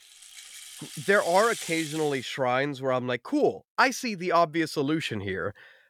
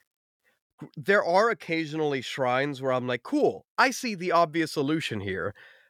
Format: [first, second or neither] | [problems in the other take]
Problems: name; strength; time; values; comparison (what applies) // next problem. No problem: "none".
second | background music; noticeable; until 2 s; 10 dB below the speech